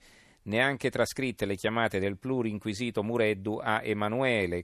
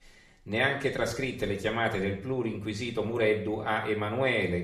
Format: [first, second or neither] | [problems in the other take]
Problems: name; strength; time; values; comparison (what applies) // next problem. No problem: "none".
first | room echo; slight; dies away in 0.5 s // off-mic speech; somewhat distant